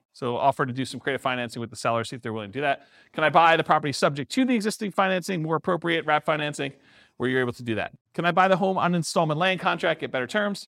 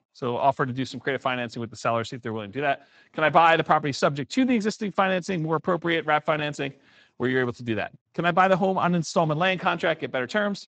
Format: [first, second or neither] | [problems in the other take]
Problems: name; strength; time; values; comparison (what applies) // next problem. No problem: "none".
first | garbled, watery; slightly; nothing above 8 kHz